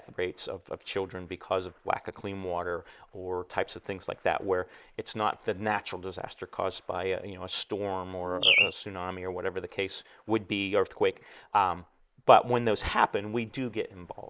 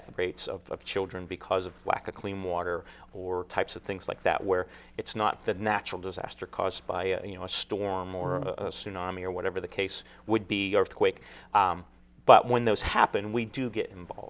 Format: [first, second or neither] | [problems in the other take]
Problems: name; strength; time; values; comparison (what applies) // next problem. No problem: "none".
second | noise reduction (neural mask model Resemble Enhance denoiser)